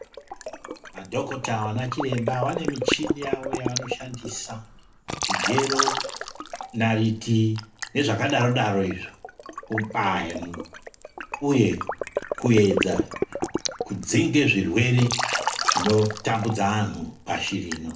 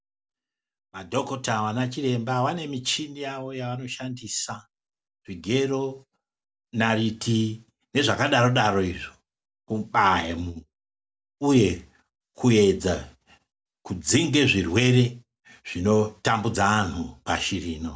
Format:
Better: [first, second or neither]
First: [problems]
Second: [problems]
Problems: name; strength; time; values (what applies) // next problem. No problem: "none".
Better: second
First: background sound (Liquid); 5 dB below the speech // room echo; dies away in 0.3 s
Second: none